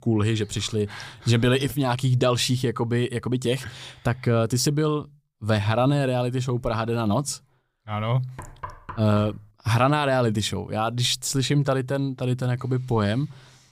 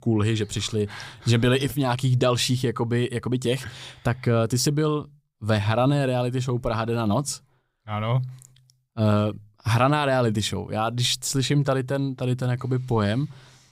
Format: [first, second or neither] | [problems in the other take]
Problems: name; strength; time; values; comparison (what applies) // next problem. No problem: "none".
second | door banging; faint; at 8.5 s; peak 15 dB below the speech